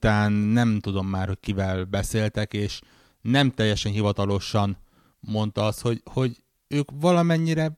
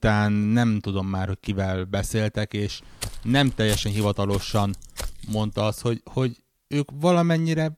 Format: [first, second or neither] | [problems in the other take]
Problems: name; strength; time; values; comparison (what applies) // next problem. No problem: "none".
first | footsteps; noticeable; from 3 to 5.5 s; peak 7 dB below the speech